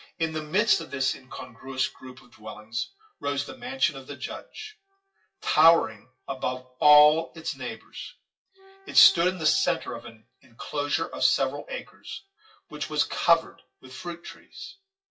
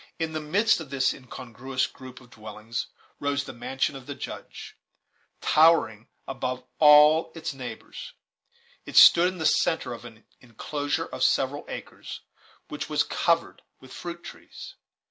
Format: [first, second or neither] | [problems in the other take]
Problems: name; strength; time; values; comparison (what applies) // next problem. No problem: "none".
second | noise reduction (classical method WPE with log-MMSE)